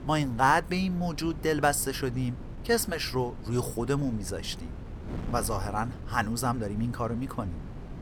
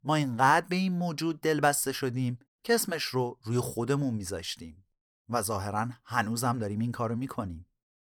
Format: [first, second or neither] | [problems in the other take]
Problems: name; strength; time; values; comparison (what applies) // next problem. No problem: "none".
second | wind noise on the microphone; occasional gusts; 20 dB below the speech